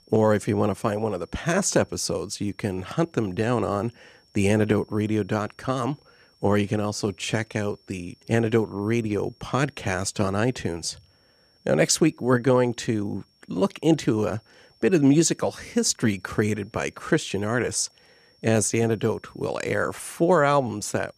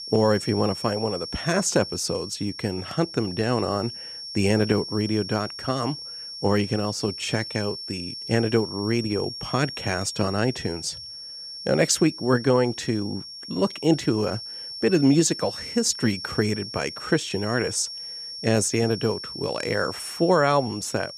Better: first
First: high-pitched whine; faint; throughout; 5.5 kHz, 35 dB below the speech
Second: high-pitched whine; loud; throughout; 5.5 kHz, 9 dB below the speech

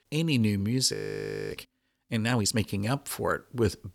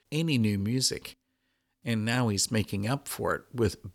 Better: second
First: audio freezing; at 1 s for 0.5 s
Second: none

